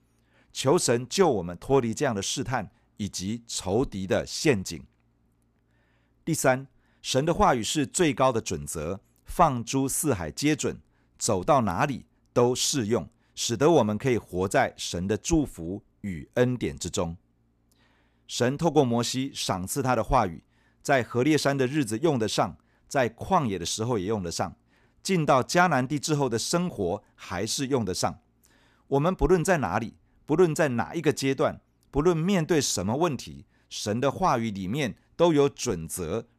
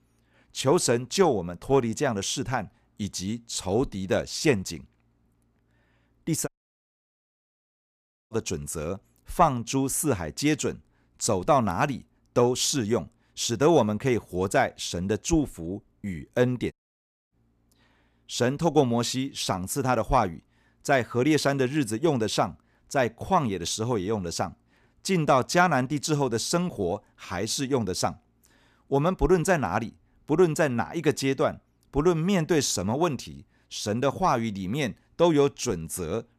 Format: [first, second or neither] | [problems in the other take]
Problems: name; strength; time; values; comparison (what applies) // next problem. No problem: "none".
first | audio cutting out; at 6.5 s for 2 s and at 17 s for 0.5 s